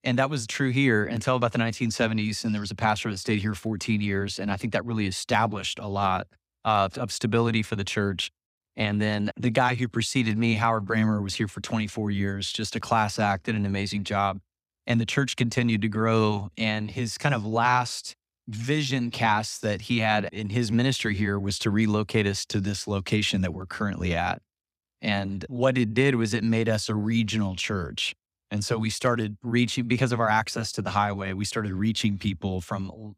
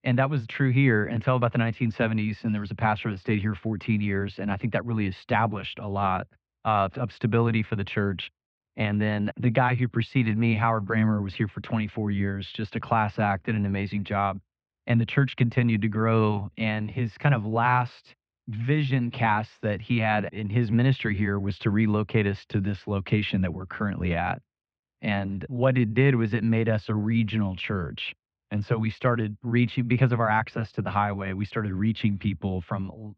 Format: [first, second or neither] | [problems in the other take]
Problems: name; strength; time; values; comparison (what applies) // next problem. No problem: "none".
first | muffled; very; fading above 3 kHz